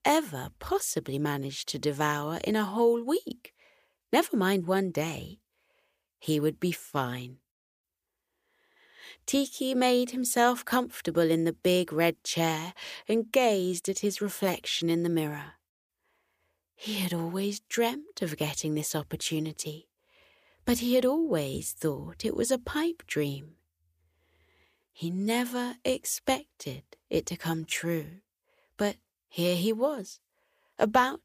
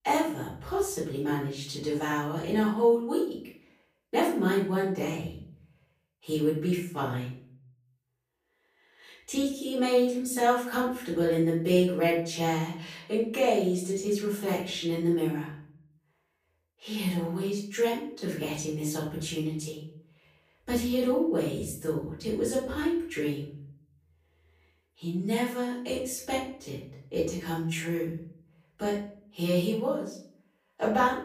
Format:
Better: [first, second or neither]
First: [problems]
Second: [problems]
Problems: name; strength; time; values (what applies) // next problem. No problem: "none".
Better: first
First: none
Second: off-mic speech; far // room echo; noticeable; dies away in 0.6 s